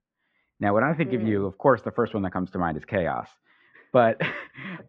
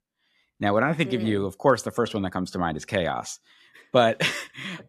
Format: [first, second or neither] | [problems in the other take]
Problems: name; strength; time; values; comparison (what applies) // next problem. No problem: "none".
second | muffled; very; fading above 2 kHz